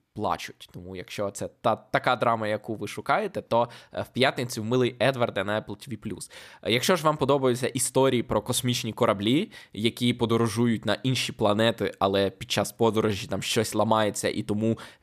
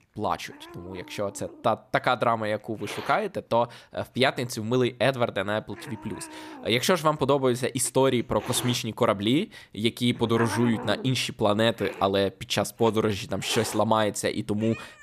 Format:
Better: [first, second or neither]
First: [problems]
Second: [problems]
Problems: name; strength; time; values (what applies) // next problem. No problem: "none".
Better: first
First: none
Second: hiss; noticeable; throughout; 15 dB below the speech